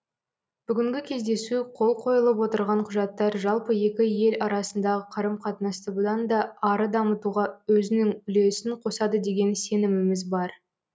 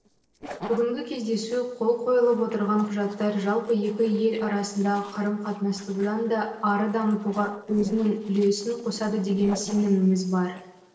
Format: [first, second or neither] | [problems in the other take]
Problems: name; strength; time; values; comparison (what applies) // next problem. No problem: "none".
first | noise reduction (neural separator model SepFormer DNS4)